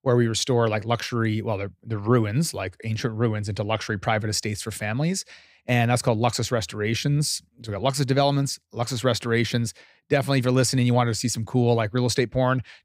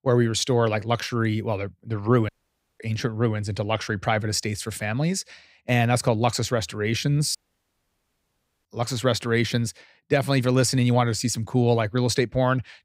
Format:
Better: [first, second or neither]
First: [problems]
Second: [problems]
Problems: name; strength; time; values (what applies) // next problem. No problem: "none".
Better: first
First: none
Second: audio cutting out; at 2.5 s for 0.5 s and at 7.5 s for 1.5 s